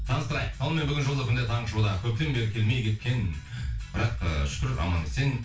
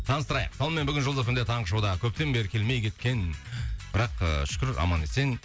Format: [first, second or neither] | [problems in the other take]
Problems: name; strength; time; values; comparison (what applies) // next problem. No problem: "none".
second | room echo; dies away in 0.3 s